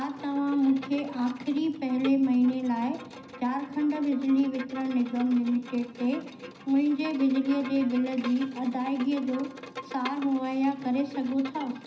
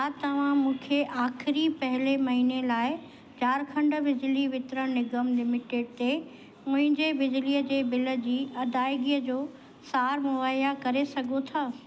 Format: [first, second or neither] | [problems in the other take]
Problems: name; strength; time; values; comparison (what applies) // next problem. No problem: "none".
second | background sound (Bowed string instrument); 17 dB below the speech // room echo; dies away in 0.5 s